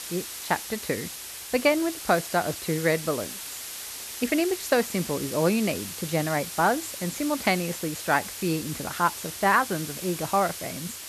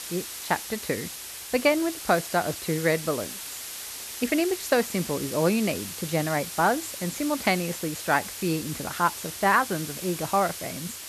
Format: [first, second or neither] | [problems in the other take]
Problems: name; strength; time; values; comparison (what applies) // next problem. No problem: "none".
neither | hiss; loud; throughout; 8 dB below the speech; the same in both